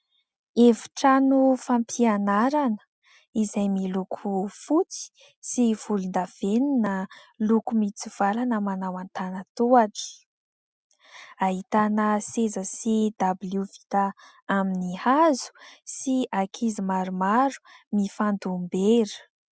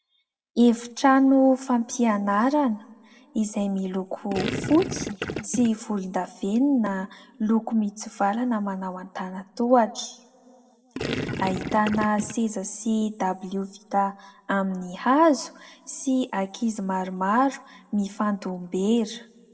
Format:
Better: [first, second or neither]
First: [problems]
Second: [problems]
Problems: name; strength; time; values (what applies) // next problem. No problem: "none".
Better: first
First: none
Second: background sound (Gurgling); 6 dB below the speech // room echo; dies away in 1.1 s